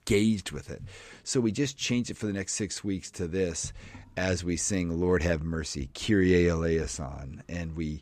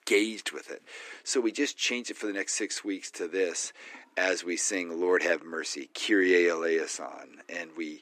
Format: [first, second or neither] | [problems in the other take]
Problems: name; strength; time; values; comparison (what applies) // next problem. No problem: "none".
first | thin; somewhat; fading below 300 Hz